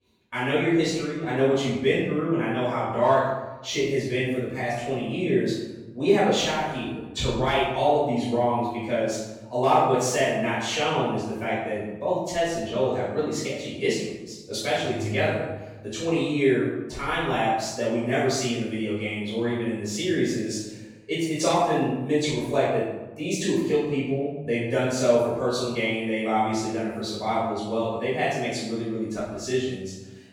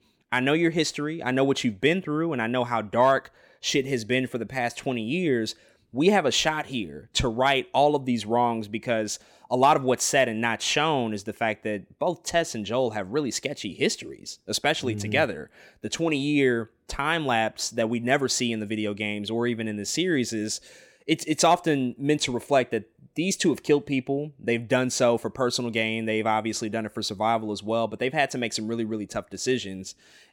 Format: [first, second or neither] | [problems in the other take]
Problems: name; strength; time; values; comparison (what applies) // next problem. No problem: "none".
second | off-mic speech; far // room echo; strong; dies away in 1 s